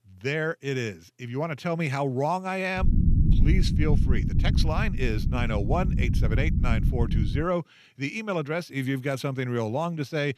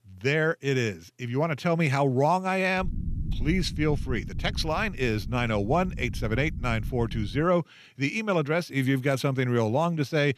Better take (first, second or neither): second